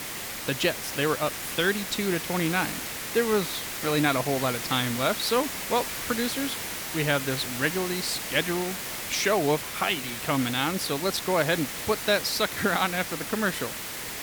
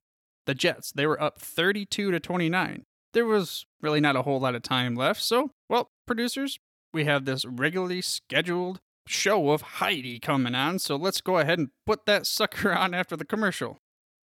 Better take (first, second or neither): second